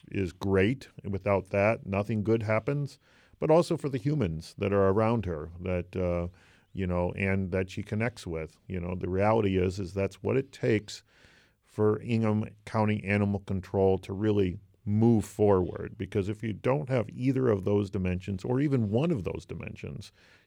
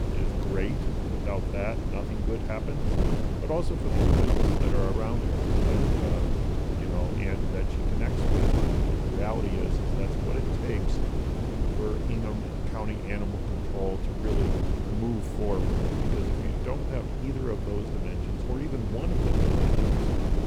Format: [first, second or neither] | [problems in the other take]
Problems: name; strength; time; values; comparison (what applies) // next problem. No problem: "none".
first | wind noise on the microphone; heavy; 2 dB above the speech